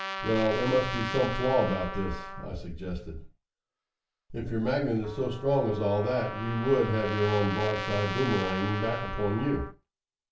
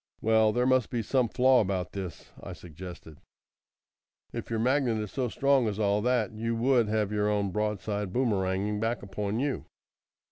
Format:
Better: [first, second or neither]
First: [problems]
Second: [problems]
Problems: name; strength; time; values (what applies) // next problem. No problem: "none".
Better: second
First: background sound (Trumpet); 9 dB below the speech // room echo; dies away in 0.4 s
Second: none